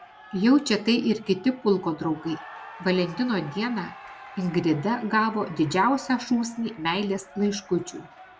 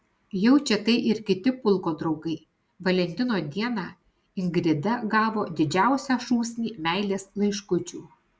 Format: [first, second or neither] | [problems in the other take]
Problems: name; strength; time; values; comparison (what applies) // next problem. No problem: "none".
second | background sound (Cheering); 19 dB below the speech